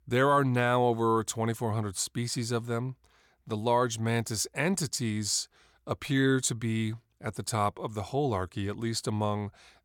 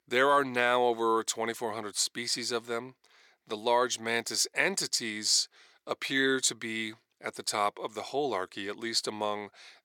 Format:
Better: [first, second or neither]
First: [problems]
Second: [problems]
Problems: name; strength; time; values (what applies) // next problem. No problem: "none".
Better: first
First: none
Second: thin; somewhat; fading below 400 Hz